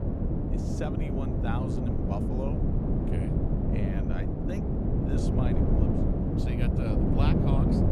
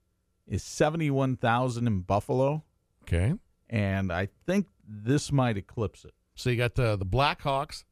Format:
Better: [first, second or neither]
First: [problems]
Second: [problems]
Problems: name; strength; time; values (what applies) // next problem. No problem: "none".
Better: second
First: wind noise on the microphone; heavy; 5 dB above the speech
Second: none